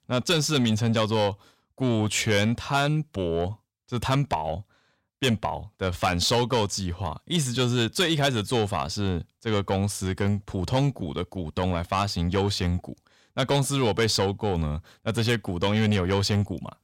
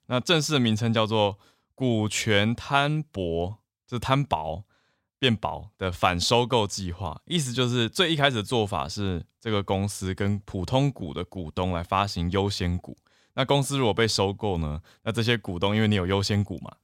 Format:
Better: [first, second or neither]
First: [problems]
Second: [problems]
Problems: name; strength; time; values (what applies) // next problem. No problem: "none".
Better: second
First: distortion; slight; 10 dB below the speech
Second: none